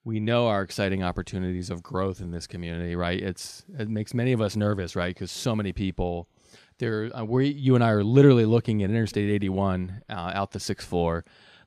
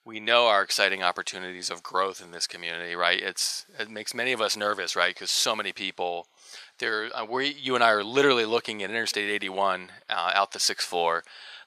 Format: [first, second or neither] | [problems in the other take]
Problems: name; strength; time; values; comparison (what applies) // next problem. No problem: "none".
first | thin; very; fading below 850 Hz